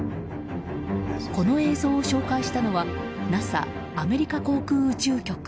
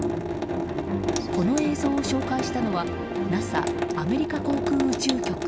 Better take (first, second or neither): first